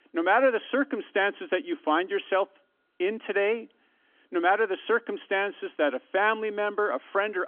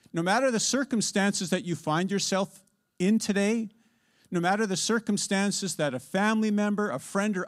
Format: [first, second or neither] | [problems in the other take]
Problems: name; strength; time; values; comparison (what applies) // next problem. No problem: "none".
second | phone-call audio; nothing above 3.5 kHz